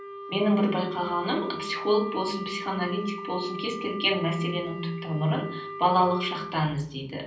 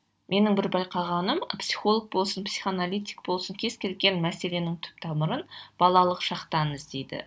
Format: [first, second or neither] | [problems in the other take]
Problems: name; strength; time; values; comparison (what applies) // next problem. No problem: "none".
second | background sound (Wind instrument, woodwind instrument); 10 dB below the speech // room echo; dies away in 0.6 s